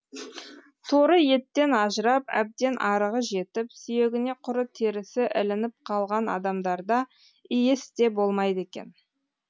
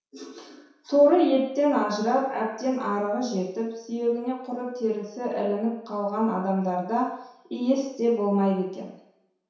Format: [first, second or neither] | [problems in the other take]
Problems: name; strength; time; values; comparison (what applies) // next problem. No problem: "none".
first | room echo; dies away in 0.7 s